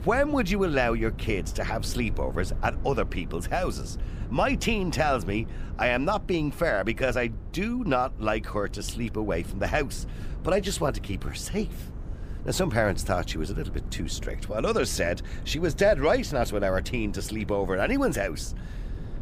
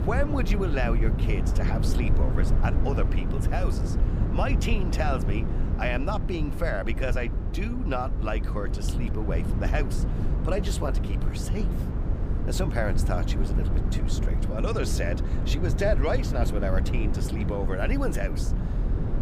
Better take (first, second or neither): first